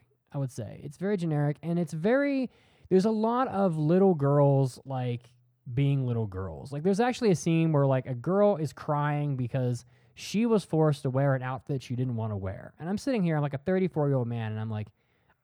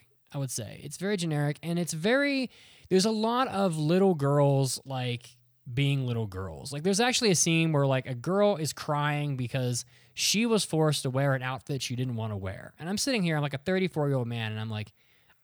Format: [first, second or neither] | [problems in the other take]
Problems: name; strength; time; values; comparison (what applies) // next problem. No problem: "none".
second | muffled; slightly; fading above 2 kHz